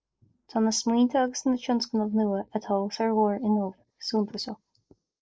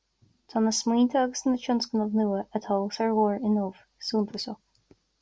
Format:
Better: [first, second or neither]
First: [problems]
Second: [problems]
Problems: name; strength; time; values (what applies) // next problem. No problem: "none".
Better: second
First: noise reduction (neural mask model Resemble Enhance denoiser)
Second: none